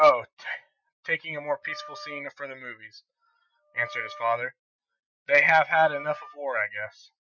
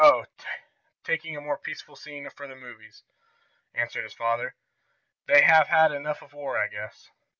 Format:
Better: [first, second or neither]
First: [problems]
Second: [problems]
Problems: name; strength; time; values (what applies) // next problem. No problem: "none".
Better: second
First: noise reduction (classical method Wiener filter)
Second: none